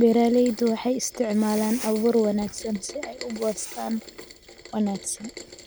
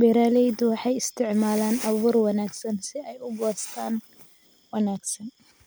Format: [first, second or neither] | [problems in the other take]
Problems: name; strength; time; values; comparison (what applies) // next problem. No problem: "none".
second | background sound (Rain); 19 dB below the speech